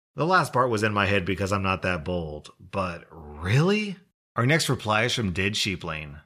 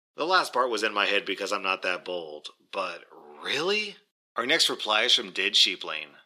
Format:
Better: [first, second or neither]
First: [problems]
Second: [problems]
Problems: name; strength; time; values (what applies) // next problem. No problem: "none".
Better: first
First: none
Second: thin; somewhat; fading below 300 Hz